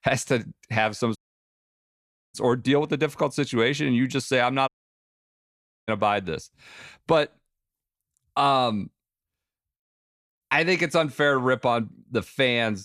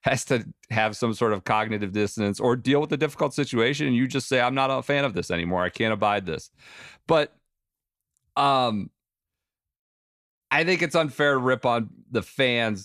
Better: second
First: audio cutting out; at 1 s for 1 s and at 4.5 s for 1 s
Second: none

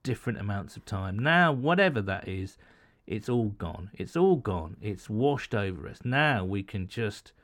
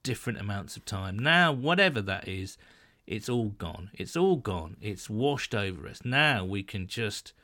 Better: second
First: muffled; slightly; fading above 2.5 kHz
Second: none

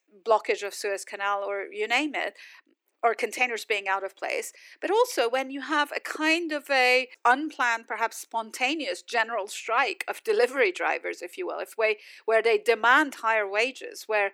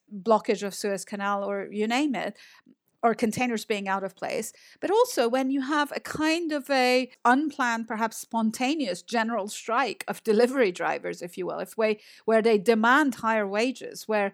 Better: second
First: thin; somewhat; fading below 300 Hz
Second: none

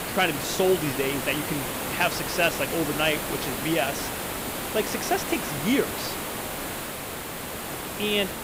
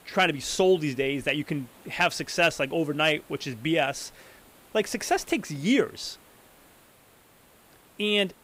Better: second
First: hiss; loud; throughout; 3 dB below the speech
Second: hiss; faint; throughout; 25 dB below the speech

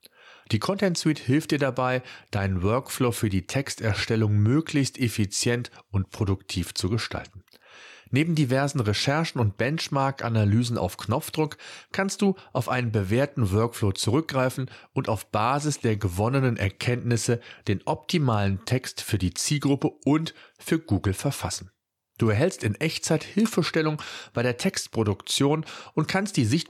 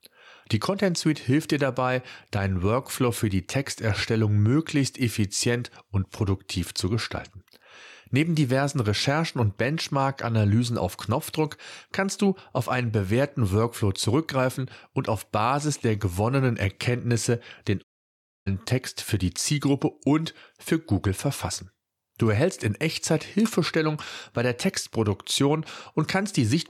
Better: first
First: none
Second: audio cutting out; at 18 s for 0.5 s

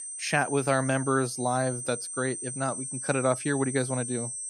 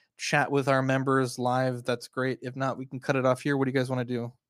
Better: second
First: high-pitched whine; loud; throughout; 8.5 kHz, 6 dB below the speech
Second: none

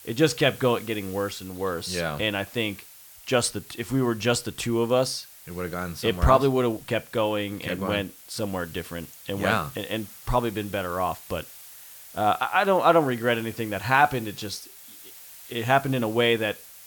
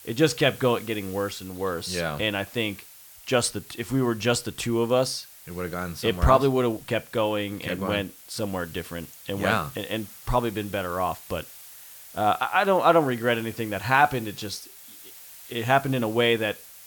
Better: neither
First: hiss; noticeable; throughout; 20 dB below the speech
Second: hiss; noticeable; throughout; 20 dB below the speech

